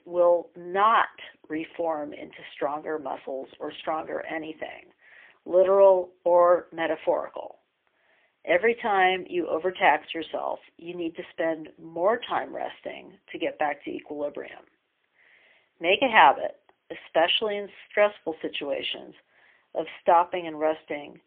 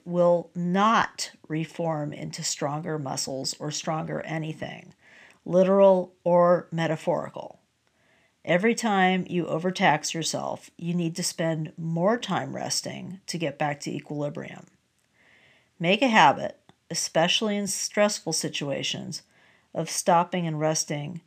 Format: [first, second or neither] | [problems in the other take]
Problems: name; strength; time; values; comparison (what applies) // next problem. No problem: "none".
second | phone-call audio; poor line; nothing above 3 kHz